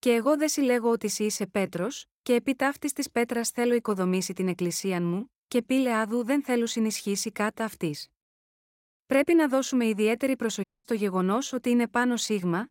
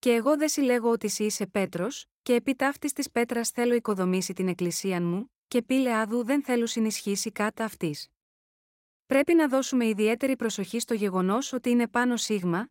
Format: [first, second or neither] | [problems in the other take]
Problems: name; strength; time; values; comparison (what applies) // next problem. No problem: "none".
second | audio cutting out; at 11 s